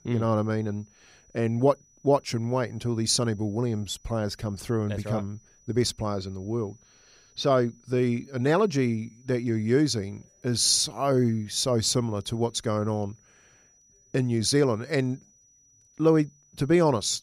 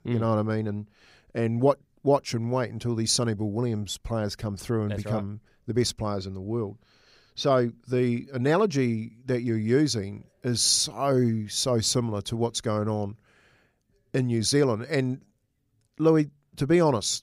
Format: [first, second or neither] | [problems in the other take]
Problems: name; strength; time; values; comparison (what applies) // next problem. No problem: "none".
second | high-pitched whine; faint; throughout; 6 kHz, 30 dB below the speech